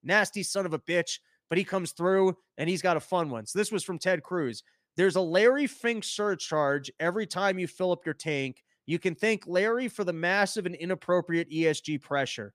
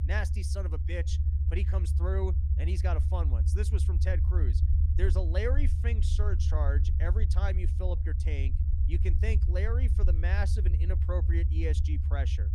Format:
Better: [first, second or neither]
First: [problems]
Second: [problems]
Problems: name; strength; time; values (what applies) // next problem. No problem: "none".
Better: first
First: none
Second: low rumble; loud; throughout; 6 dB below the speech